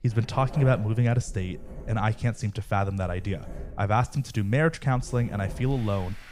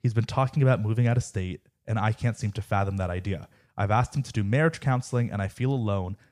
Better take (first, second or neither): second